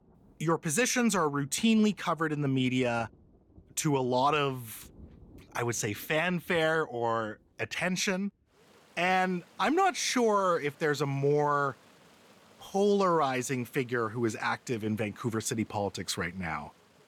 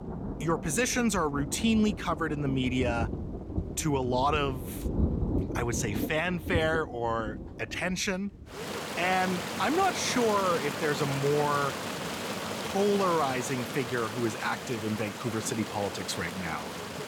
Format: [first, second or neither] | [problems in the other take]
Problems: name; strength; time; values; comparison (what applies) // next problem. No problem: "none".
first | rain or running water; loud; throughout; 6 dB below the speech; faint in the first